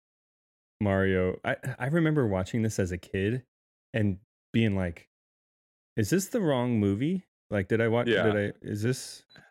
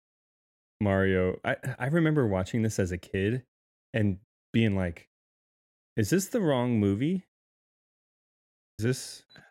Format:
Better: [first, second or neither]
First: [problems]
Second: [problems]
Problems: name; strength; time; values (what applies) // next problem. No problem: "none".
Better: first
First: none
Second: audio freezing; at 7.5 s for 1.5 s